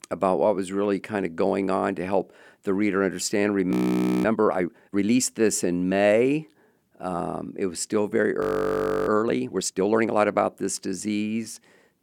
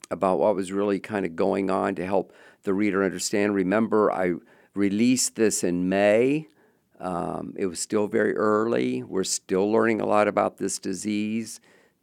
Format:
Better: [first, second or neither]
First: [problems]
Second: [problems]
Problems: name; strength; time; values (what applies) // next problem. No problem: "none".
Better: second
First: audio freezing; at 3.5 s for 0.5 s and at 8.5 s for 0.5 s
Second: none